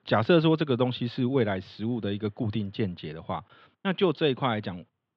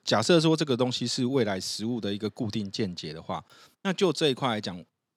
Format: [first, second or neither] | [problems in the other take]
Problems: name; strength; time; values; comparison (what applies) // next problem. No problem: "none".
second | muffled; very; fading above 3.5 kHz